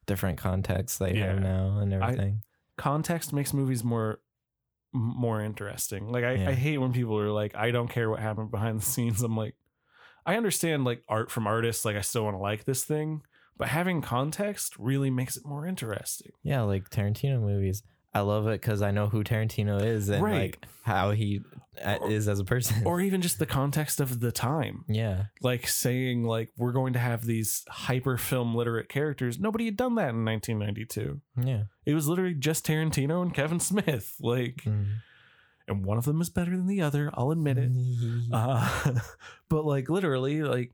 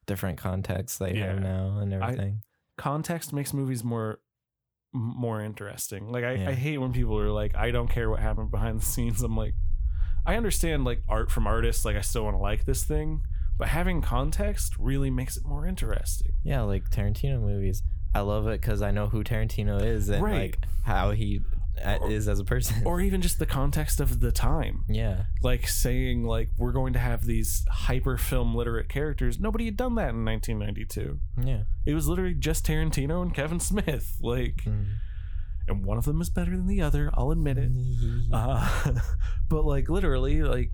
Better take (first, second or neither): first